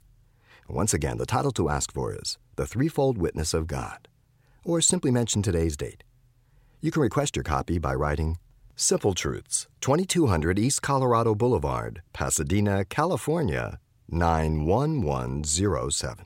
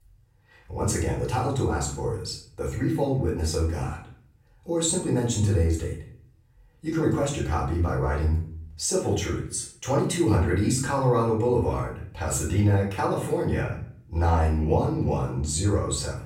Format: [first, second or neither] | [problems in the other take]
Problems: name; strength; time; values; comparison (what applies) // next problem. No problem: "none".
first | off-mic speech; far // room echo; noticeable; dies away in 0.5 s